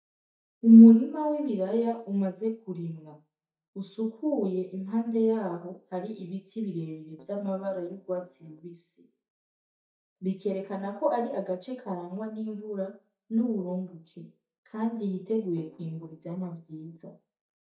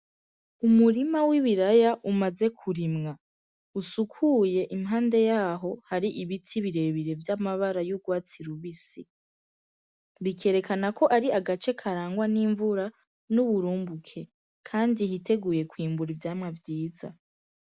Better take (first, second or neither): second